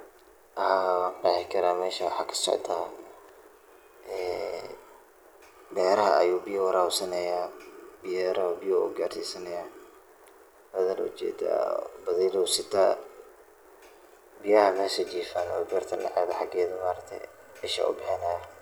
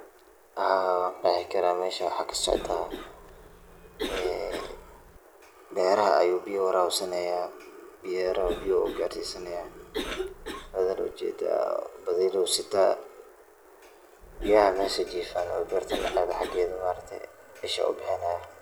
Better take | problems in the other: first | background sound (Cough); 13 dB below the speech

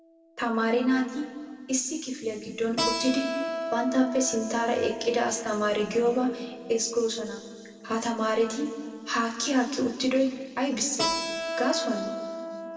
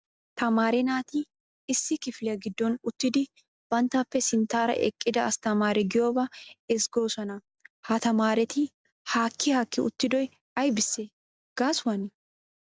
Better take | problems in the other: second | background sound (Keyboard (musical)); 8 dB below the speech // room echo; dies away in 1.8 s

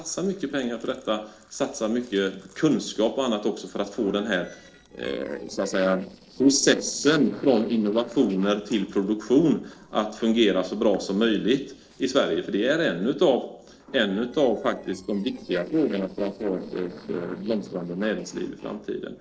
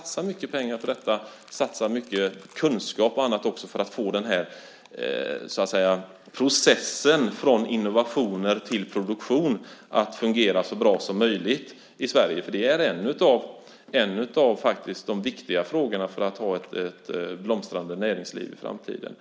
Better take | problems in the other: second | noise reduction (neural separator model SepFormer DNS4)

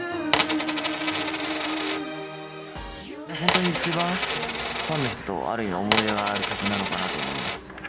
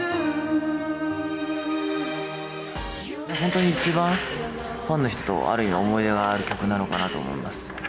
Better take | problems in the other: second | background sound (Coin (dropping)); 1 dB above the speech

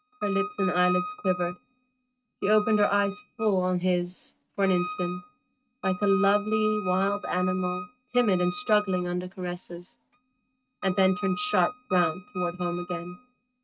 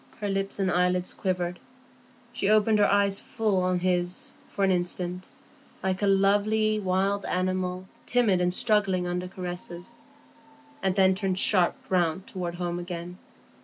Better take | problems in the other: second | noise reduction (neural mask model RNNoise)

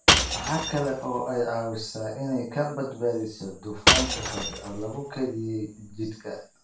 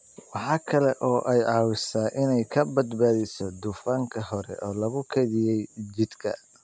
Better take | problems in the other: second | background sound (Shatter / Crushing); 2 dB above the speech // room echo; dies away in 0.3 s

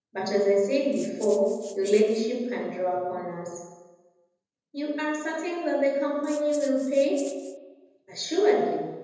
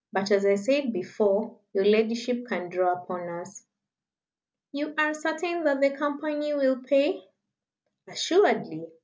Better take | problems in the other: second | background sound (Rattle (instrument)); 19 dB below the speech // room echo; dies away in 1.1 s

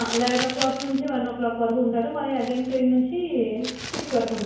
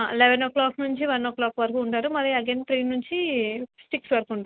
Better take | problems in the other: second | background sound (Crumpling, crinkling); 11 dB below the speech // room echo; dies away in 1 s

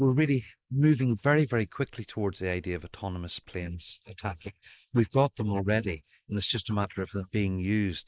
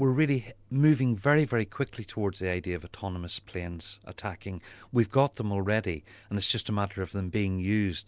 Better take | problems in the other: second | noise reduction (neural mask model Resemble Enhance denoiser)

